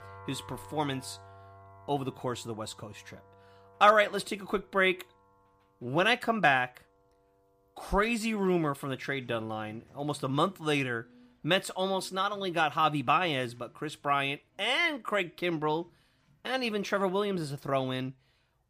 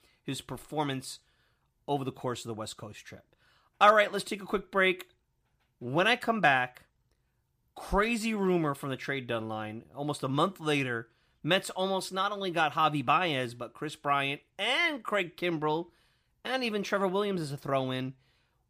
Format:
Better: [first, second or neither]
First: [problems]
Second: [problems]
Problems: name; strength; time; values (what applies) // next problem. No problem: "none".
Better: second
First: background music; faint; throughout; 25 dB below the speech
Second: none